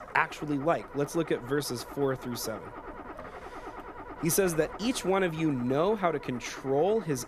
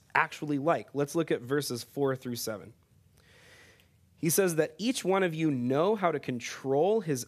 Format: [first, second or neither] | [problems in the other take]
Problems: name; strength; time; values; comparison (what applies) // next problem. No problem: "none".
second | low rumble; noticeable; throughout; 10 dB below the speech